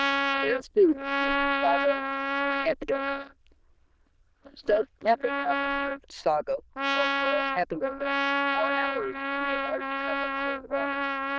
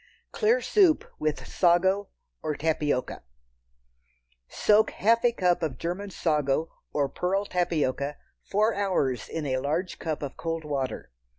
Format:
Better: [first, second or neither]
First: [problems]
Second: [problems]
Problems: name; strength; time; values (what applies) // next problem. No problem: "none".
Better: second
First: noise reduction (neural diffusion model UNIVERSE++)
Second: none